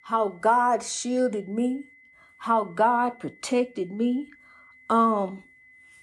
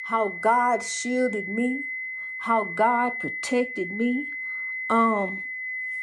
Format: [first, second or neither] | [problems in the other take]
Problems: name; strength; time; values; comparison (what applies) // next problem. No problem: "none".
first | high-pitched whine; loud; throughout; 2 kHz, 6 dB below the speech; faint in the first